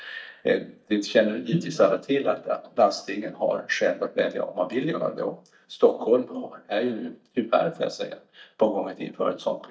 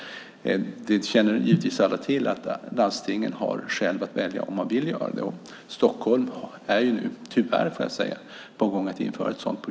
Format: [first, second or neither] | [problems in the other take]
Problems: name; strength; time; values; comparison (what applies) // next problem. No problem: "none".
second | noise reduction (neural mask model DeepFilterNet 3)